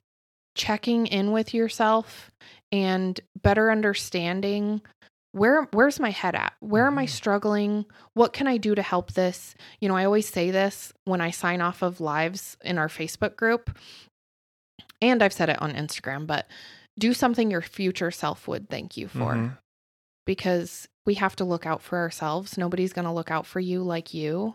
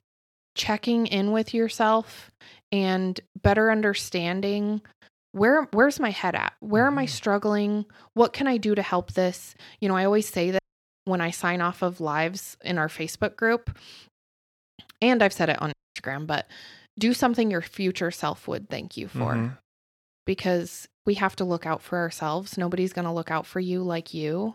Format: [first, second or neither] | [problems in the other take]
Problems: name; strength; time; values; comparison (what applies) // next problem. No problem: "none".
first | audio cutting out; at 11 s and at 16 s